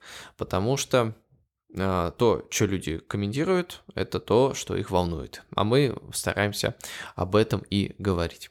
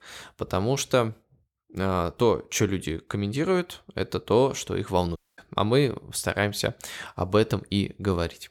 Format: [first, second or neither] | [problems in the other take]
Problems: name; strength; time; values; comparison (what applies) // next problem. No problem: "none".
first | audio cutting out; at 5 s